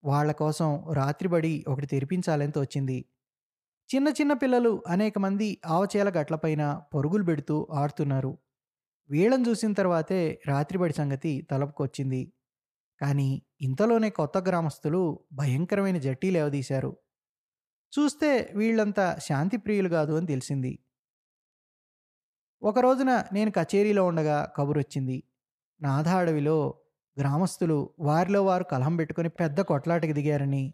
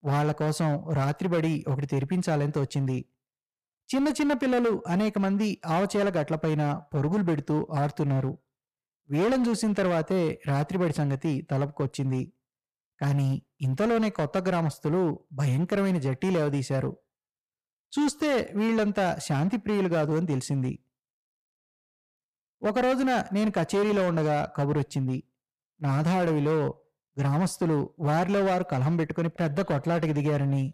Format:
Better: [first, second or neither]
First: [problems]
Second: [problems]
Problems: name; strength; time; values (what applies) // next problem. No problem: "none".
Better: first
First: none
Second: distortion; slight; 14% of the sound clipped